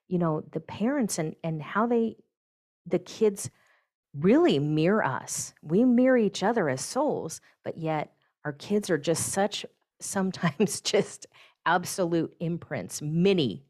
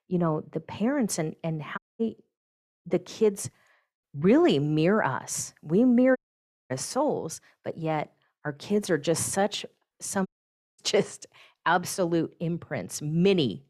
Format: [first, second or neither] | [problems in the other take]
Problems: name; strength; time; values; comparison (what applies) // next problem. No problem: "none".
first | audio cutting out; at 2 s, at 6 s for 0.5 s and at 10 s for 0.5 s